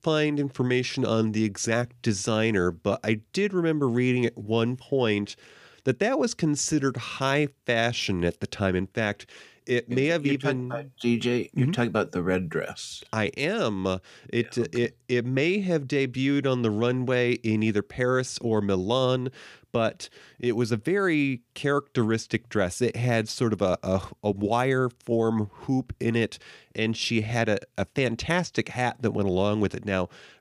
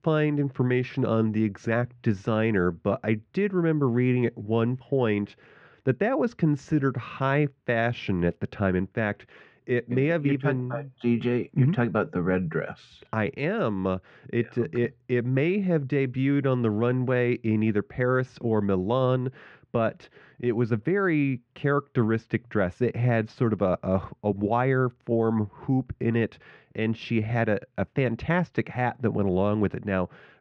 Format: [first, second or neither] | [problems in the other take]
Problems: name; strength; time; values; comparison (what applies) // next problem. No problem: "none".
first | muffled; very; fading above 1.5 kHz